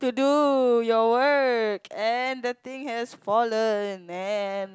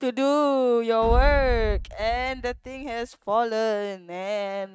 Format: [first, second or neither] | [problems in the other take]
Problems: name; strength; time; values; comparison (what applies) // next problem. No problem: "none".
first | noise reduction (neural mask model RNNoise)